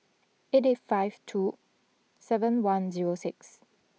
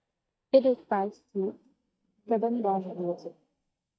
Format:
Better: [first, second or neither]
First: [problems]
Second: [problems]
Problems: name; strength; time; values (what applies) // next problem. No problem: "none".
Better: first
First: none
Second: noise reduction (neural mask model DeepFilterNet 3)